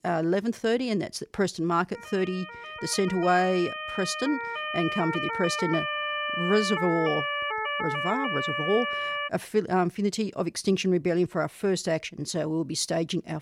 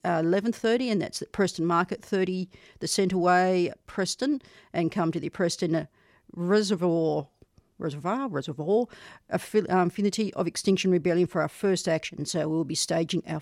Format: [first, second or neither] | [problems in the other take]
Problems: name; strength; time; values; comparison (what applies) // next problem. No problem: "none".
second | siren; noticeable; from 2 to 9.5 s; peak level with the speech